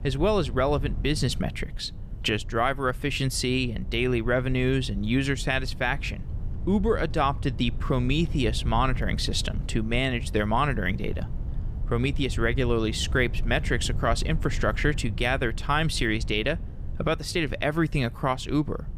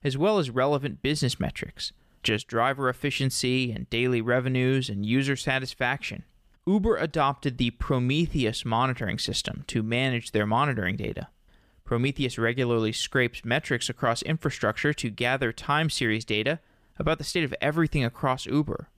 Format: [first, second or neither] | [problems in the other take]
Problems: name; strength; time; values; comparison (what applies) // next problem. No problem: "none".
second | wind noise on the microphone; occasional gusts; 20 dB below the speech